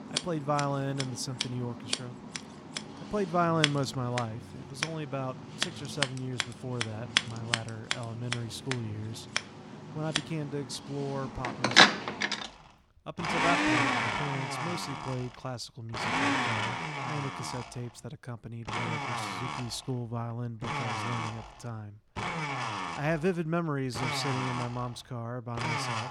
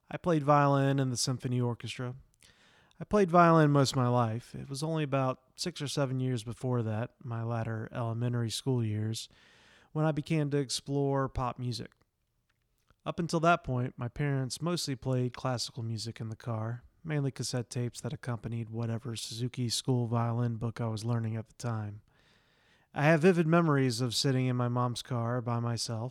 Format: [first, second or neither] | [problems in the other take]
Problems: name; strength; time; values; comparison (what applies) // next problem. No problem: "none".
second | household noises; very loud; throughout; 4 dB above the speech